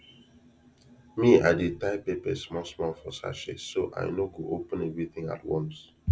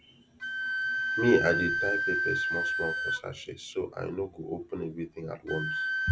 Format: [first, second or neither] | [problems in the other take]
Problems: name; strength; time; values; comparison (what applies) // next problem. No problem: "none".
first | background sound (Wind instrument, woodwind instrument); as loud as the speech